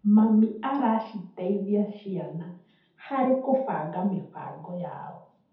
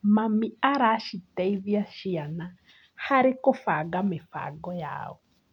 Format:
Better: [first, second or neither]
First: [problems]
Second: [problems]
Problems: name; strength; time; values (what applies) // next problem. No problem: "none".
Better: second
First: room echo; dies away in 0.6 s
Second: none